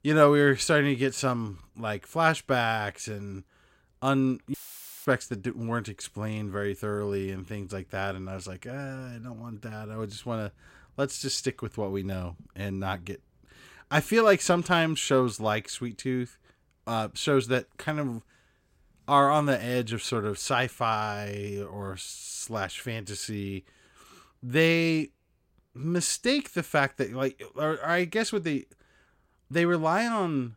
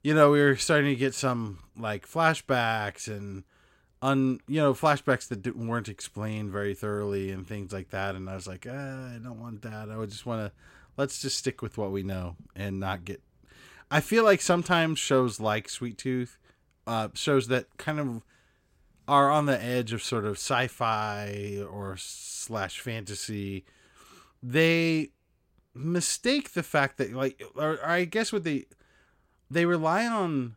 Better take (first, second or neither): second